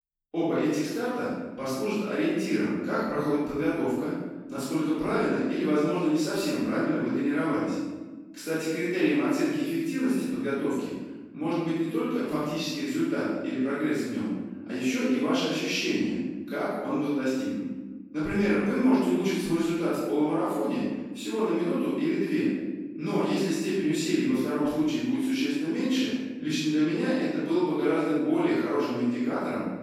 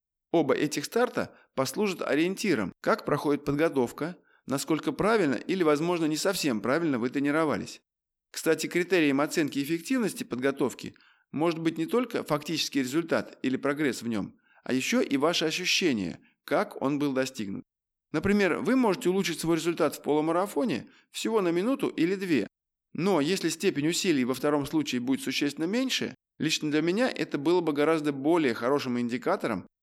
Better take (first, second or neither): second